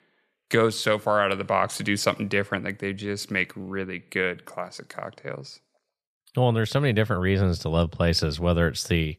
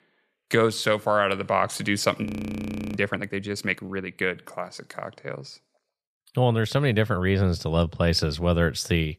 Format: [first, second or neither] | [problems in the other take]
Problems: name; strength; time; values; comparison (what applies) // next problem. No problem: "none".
first | audio freezing; at 2.5 s for 0.5 s